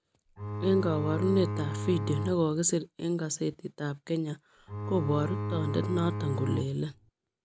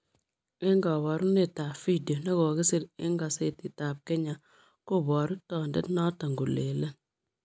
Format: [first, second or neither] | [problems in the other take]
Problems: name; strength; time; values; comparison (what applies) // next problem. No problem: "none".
second | background sound (Bowed string instrument); 3 dB below the speech